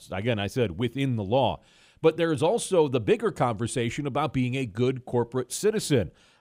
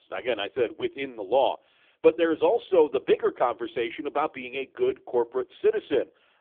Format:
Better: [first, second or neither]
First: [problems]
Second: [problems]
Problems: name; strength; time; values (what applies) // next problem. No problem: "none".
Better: first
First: none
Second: phone-call audio; poor line; nothing above 3.5 kHz